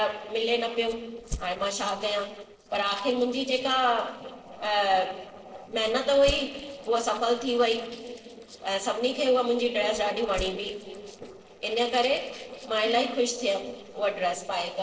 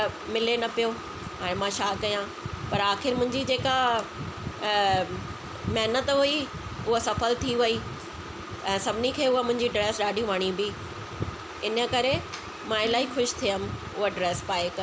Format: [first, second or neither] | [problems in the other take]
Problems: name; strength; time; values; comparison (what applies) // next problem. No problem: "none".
second | noise reduction (neural separator model SepFormer DNS4)